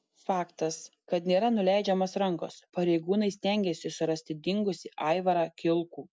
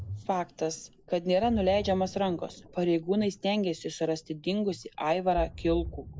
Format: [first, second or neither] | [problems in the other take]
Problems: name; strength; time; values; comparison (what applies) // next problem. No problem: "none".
first | background sound (Ocean); 14 dB below the speech